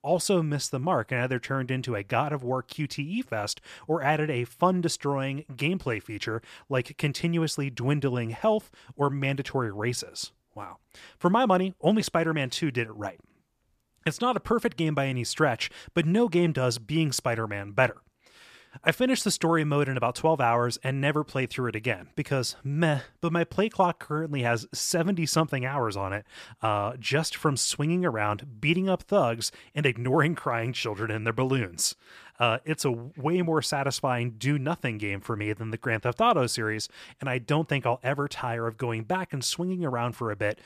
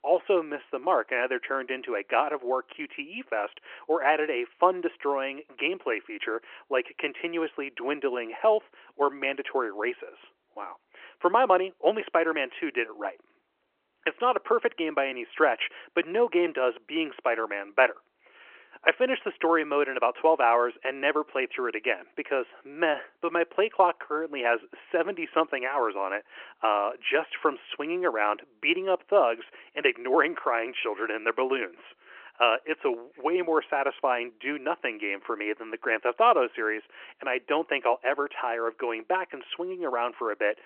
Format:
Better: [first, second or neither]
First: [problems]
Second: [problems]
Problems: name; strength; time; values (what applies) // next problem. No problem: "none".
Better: first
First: none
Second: phone-call audio